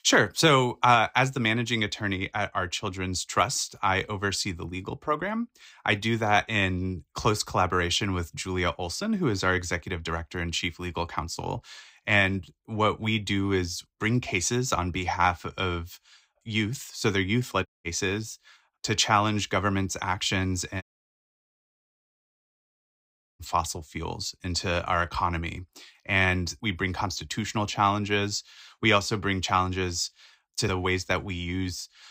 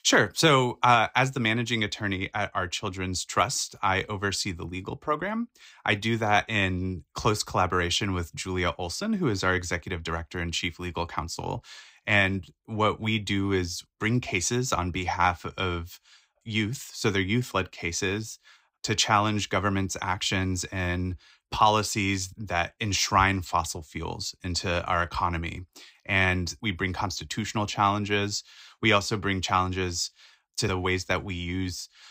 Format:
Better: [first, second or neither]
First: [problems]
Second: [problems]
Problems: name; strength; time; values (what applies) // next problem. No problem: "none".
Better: second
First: audio cutting out; at 18 s and at 21 s for 2.5 s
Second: none